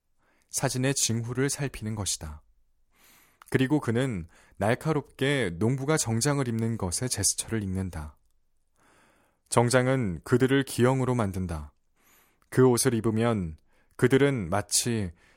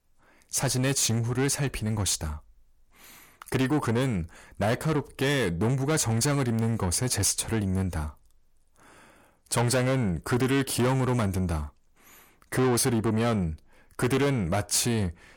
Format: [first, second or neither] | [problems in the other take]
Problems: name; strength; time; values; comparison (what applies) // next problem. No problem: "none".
first | distortion; heavy; 7 dB below the speech